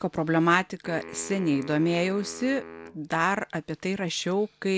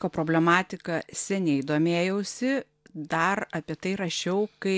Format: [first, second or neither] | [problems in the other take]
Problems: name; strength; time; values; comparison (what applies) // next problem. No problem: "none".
second | background sound (Wind instrument, woodwind instrument); 18 dB below the speech